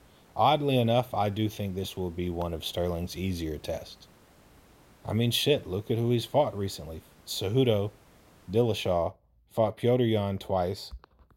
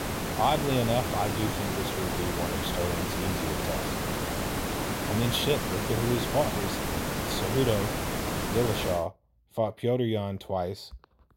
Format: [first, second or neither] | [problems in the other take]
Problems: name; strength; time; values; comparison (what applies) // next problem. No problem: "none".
first | hiss; loud; until 9 s; as loud as the speech; faint in the first